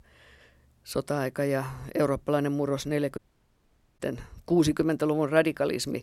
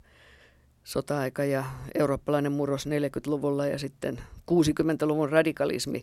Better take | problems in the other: second | audio cutting out; at 3 s for 1 s

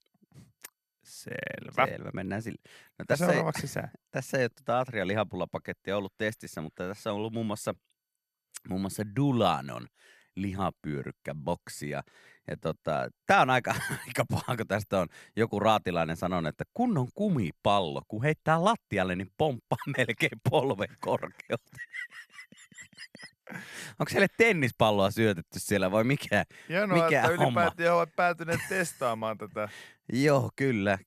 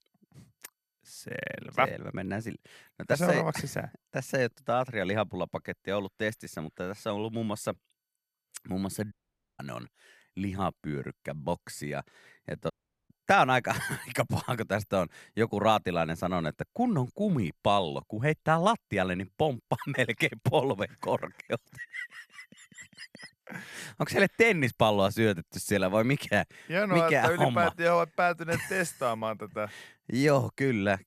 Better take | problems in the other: first | audio cutting out; at 9 s and at 13 s

